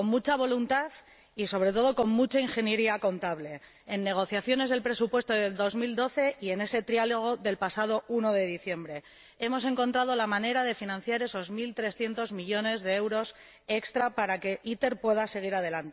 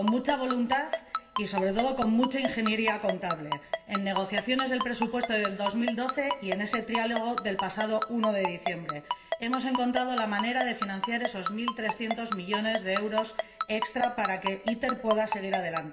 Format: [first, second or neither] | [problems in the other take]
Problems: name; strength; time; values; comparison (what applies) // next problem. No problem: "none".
first | background sound (Ringtone); 5 dB below the speech // room echo; dies away in 1.4 s